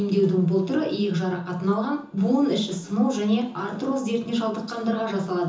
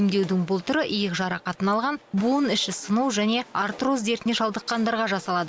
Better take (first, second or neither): second